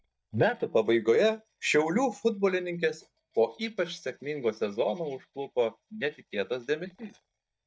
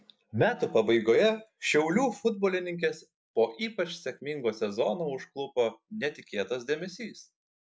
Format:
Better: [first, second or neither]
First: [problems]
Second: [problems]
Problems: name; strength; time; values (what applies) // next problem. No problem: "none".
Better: second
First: noise reduction (neural mask model DeepFilterNet 3)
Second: none